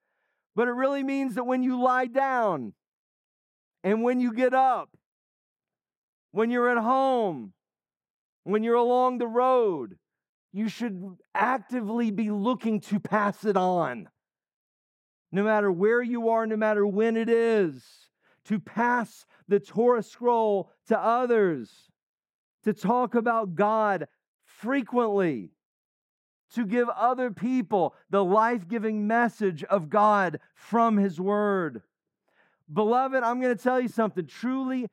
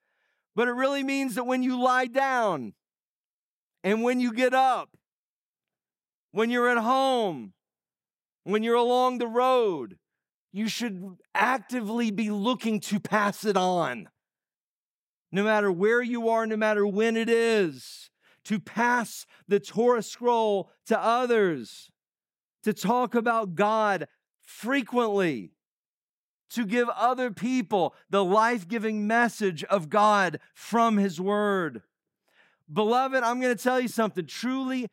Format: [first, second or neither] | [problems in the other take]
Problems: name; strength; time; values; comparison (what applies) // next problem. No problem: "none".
second | muffled; slightly; fading above 2 kHz